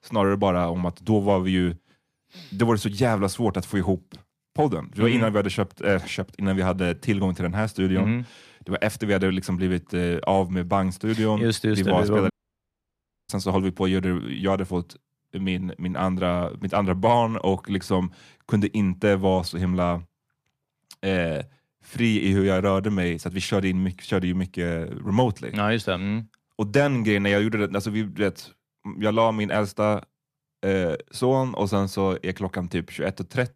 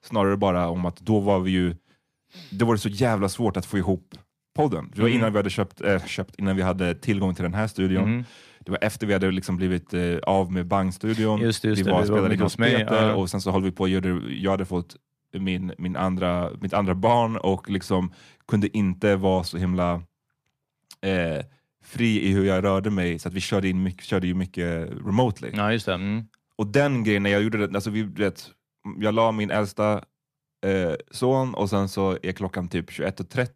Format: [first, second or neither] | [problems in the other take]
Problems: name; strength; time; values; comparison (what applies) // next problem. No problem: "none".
second | audio cutting out; at 12 s for 1 s